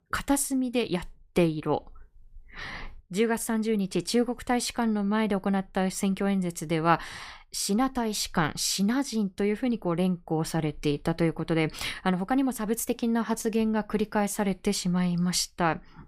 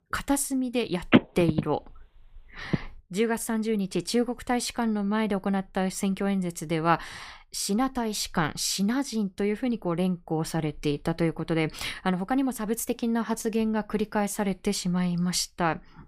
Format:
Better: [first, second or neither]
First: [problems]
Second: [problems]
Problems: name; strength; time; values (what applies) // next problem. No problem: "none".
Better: first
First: none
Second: phone ringing; loud; from 1 to 3 s; peak 5 dB above the speech